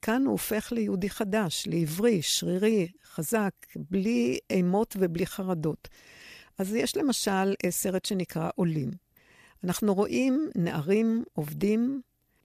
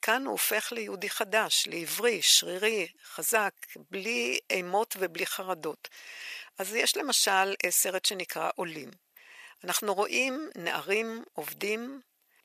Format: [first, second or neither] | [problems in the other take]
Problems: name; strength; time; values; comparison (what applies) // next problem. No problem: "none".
first | thin; very; fading below 700 Hz